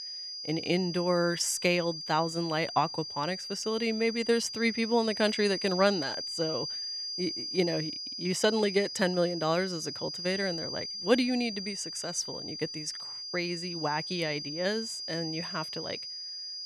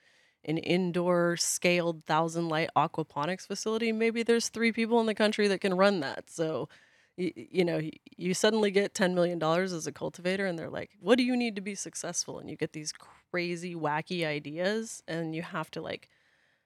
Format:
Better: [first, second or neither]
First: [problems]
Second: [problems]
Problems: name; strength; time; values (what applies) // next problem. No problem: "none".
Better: second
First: high-pitched whine; loud; throughout; 5 kHz, 5 dB below the speech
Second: none